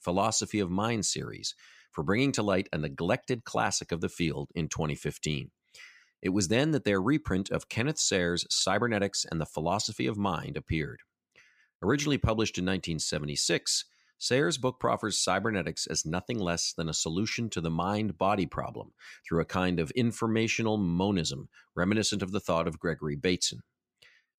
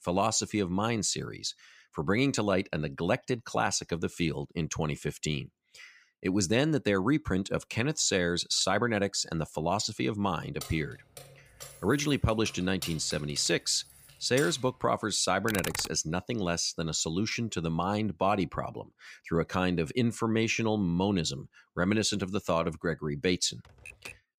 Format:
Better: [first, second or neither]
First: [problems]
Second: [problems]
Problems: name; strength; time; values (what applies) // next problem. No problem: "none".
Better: first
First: none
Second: jangling keys; faint; from 11 to 15 s; peak 10 dB below the speech // keyboard typing; noticeable; at 15 s; peak 5 dB below the speech // keyboard typing; faint; at 24 s; peak 15 dB below the speech